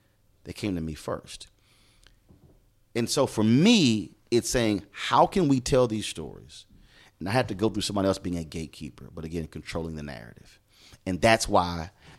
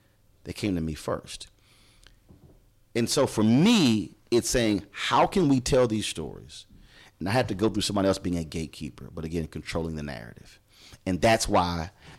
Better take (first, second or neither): first